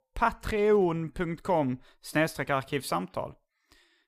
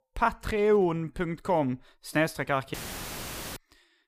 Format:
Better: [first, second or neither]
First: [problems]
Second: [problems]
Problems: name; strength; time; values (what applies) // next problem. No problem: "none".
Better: first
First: none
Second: audio cutting out; filled with static; at 2.5 s for 1 s